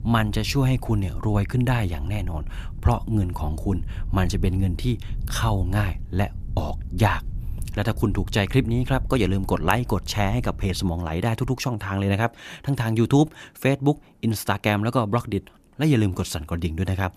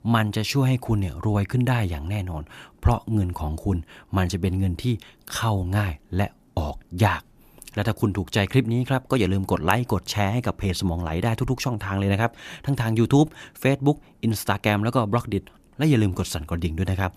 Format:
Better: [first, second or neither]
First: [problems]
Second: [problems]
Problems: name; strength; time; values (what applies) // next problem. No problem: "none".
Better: second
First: low rumble; faint; until 11 s; 25 dB below the speech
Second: none